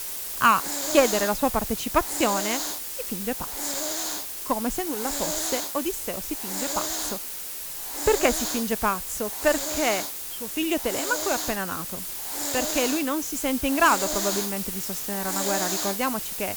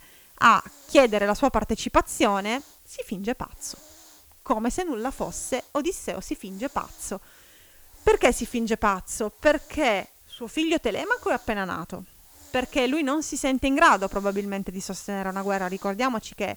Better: second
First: hiss; loud; throughout; 1 dB below the speech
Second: hiss; faint; throughout; 25 dB below the speech

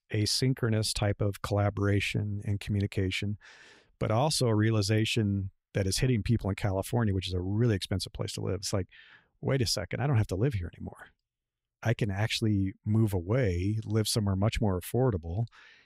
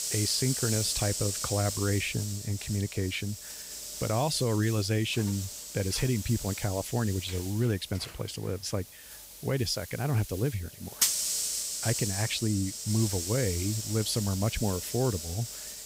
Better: first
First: none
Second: hiss; loud; throughout; 3 dB below the speech

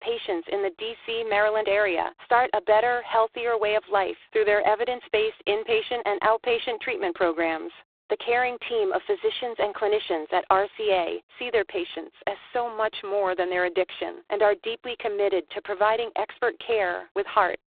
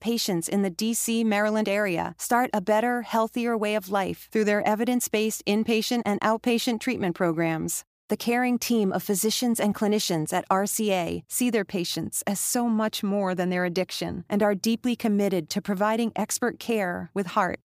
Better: second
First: phone-call audio; poor line; nothing above 3.5 kHz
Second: none

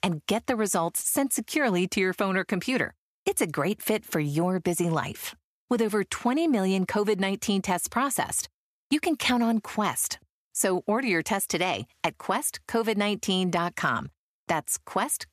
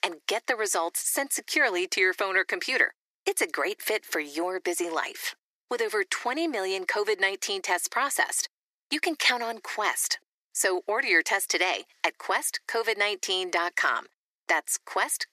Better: first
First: none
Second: thin; very; fading below 350 Hz

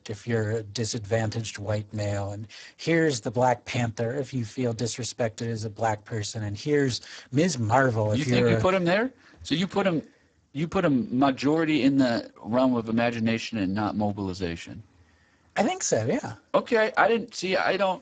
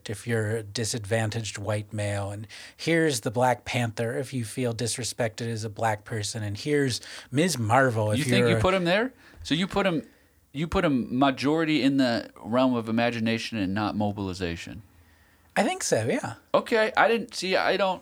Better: second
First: garbled, watery; badly; nothing above 7.5 kHz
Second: none

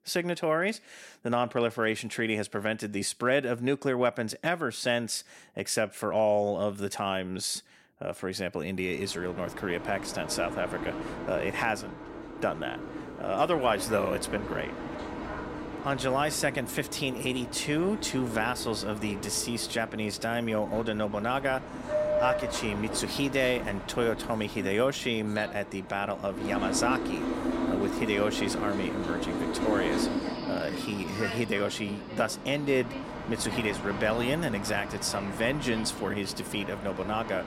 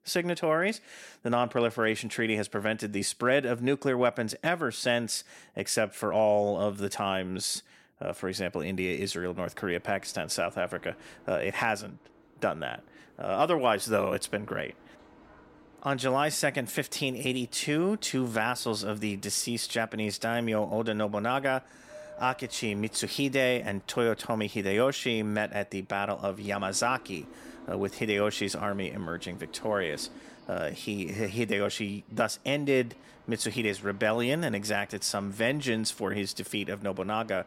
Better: second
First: train or aircraft noise; loud; from 9 s on; 6 dB below the speech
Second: train or aircraft noise; faint; from 9 s on; 25 dB below the speech

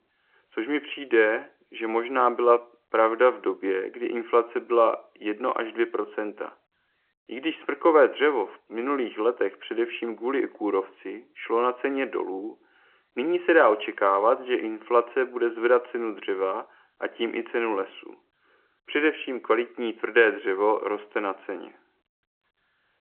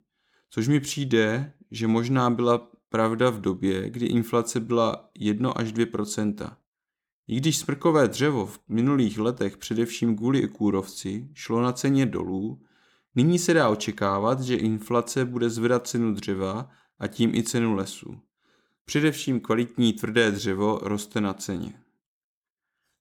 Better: second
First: phone-call audio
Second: none

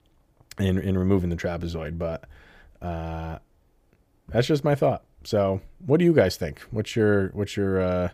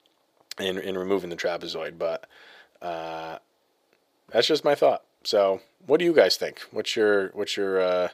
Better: first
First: none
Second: thin; very; fading below 450 Hz

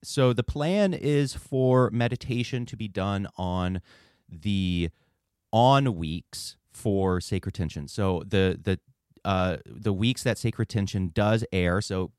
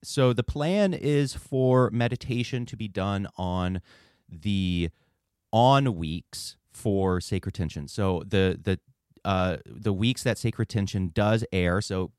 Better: neither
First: none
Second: none

